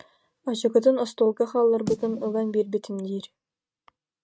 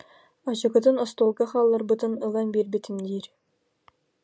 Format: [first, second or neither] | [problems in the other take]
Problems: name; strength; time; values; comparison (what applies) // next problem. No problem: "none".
second | noise reduction (neural mask model RNNoise)